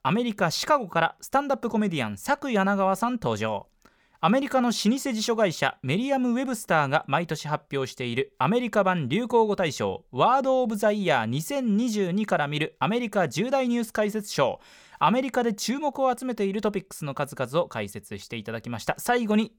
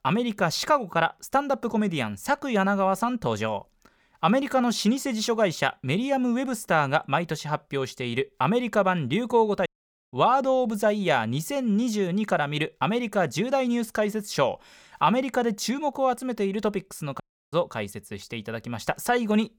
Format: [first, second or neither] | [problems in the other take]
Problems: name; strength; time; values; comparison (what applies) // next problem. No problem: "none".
first | audio cutting out; at 9.5 s and at 17 s